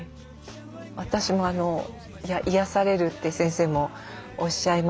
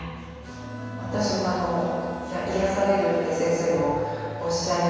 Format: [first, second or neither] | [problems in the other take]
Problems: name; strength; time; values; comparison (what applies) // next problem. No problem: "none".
first | background sound (Bowed string instrument); 14 dB below the speech // room echo; dies away in 1.9 s